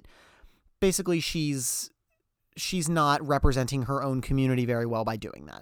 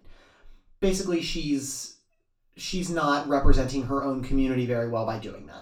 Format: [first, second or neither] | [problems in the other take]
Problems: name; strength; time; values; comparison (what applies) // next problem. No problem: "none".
first | room echo; slight; dies away in 0.3 s // off-mic speech; far